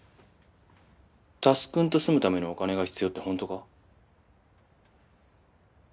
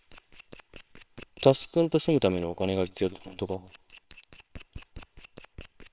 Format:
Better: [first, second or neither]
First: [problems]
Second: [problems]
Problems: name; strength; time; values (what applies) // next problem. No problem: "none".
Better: first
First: none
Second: noise reduction (neural separator model SepFormer WHAMR!)